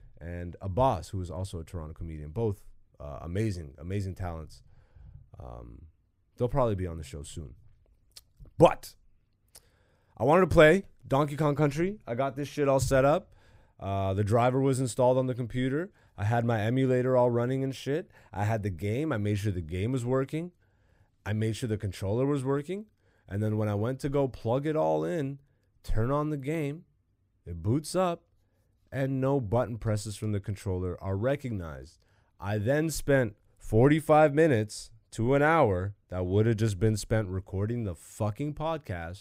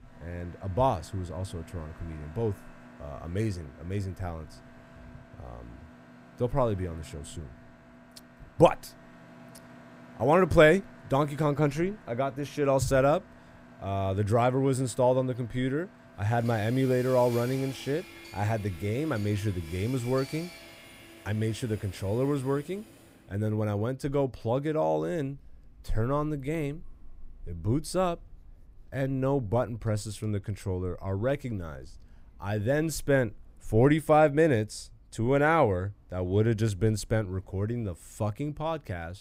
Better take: first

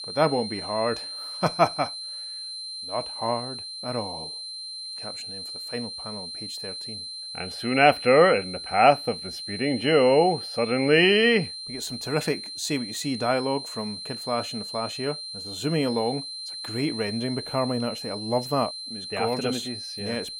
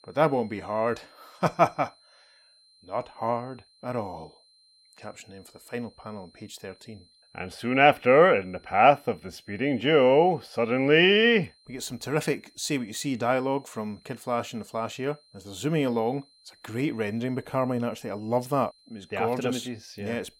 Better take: second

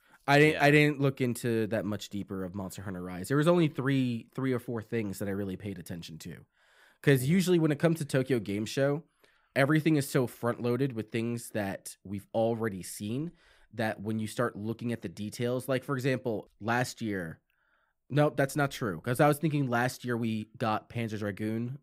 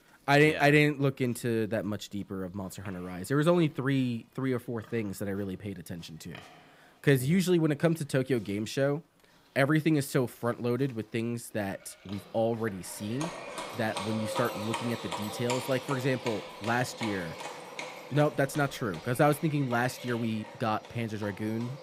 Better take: first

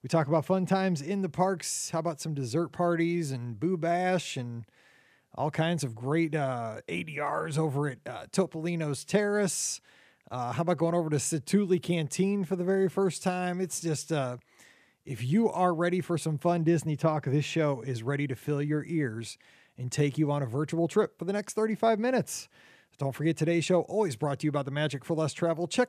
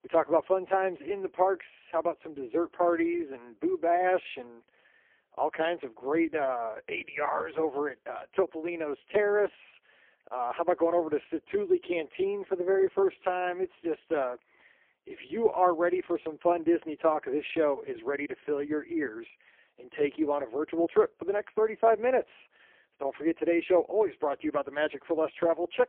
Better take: first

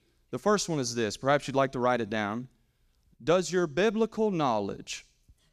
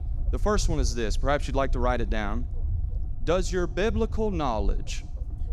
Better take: first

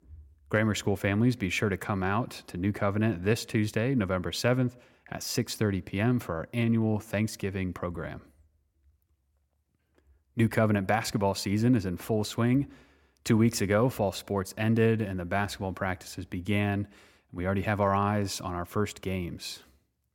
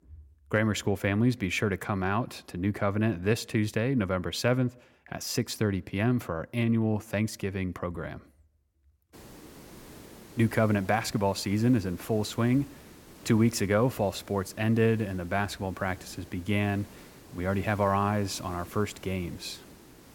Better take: first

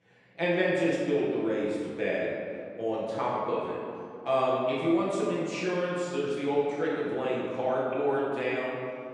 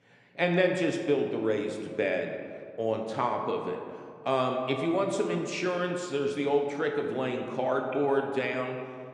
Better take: second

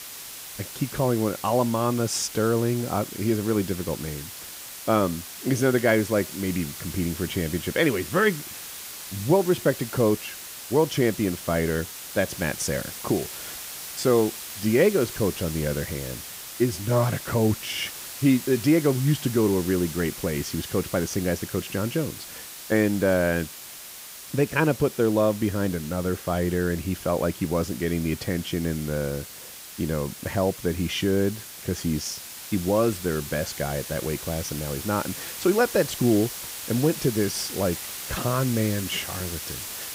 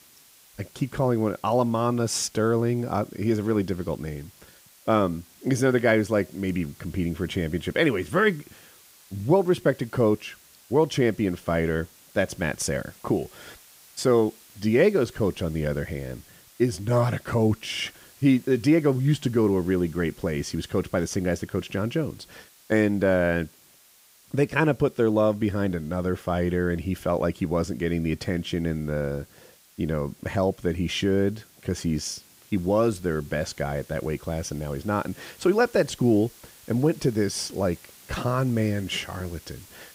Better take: second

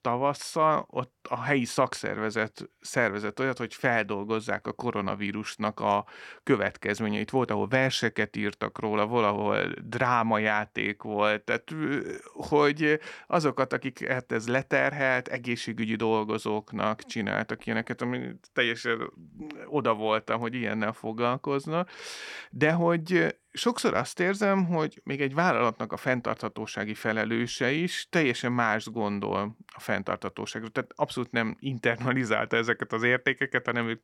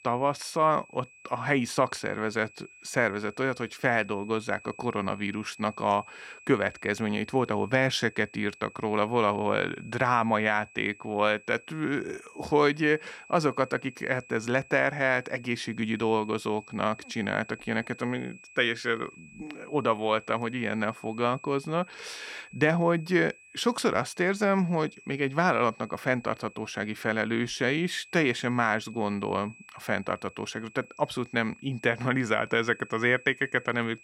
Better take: first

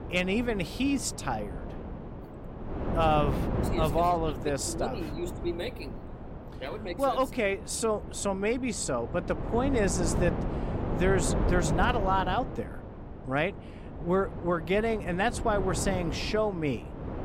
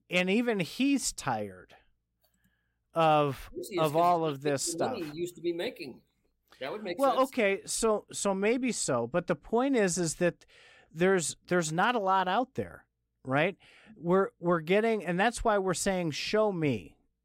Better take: second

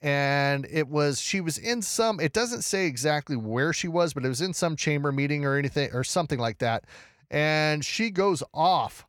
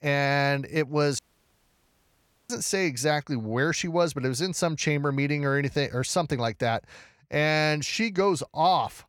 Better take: first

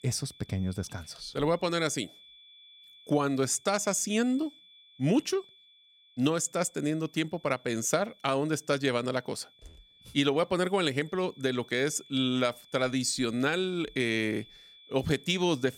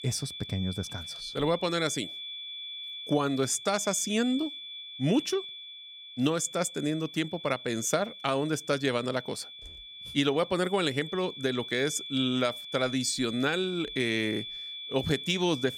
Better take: first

